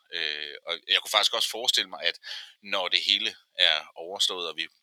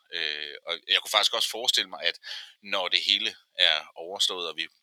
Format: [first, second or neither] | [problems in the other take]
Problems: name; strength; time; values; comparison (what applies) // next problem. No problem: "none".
neither | thin; very; fading below 750 Hz; the same in both